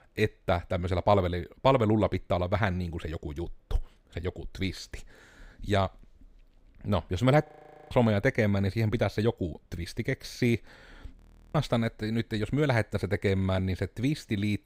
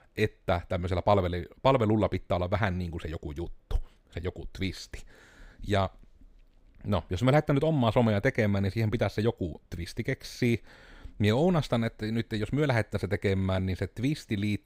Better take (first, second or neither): second